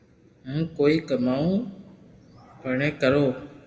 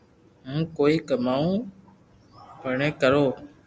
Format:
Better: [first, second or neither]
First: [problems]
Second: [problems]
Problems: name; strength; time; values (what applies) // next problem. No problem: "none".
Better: second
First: room echo; dies away in 1.5 s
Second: none